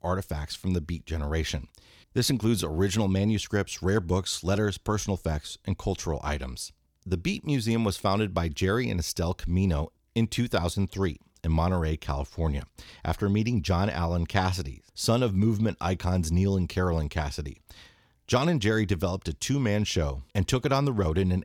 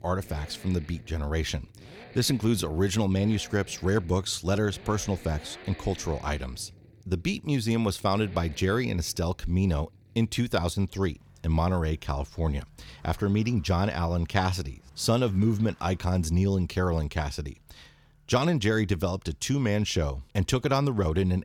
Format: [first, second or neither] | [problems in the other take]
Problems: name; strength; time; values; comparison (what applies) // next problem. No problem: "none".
first | traffic noise; faint; throughout; 25 dB below the speech